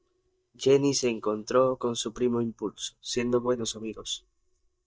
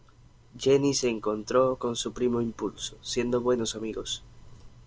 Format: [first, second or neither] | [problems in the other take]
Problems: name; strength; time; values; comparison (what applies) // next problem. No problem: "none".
second | noise reduction (neural mask model DeepFilterNet 3)